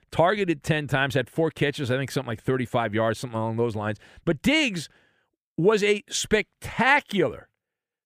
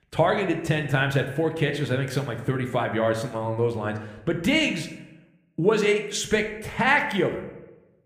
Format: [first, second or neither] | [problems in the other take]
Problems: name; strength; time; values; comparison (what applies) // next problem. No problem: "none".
first | room echo; slight; dies away in 0.7 s